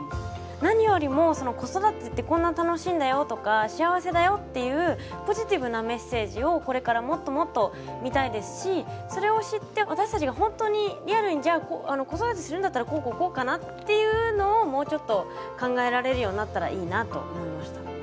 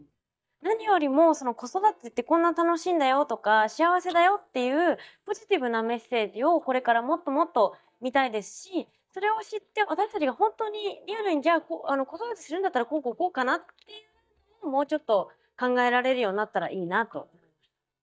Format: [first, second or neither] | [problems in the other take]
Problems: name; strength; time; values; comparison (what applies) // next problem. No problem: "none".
first | noise reduction (neural mask model DeepFilterNet 3)